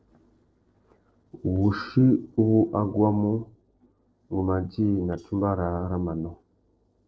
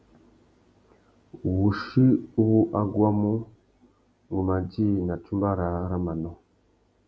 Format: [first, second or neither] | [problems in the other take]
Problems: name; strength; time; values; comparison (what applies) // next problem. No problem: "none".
second | noise reduction (neural separator model SepFormer DNS4)